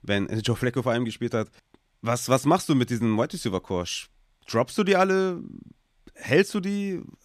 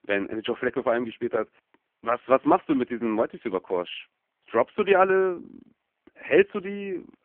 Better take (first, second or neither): first